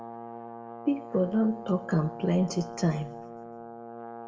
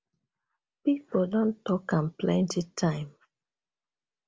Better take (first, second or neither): second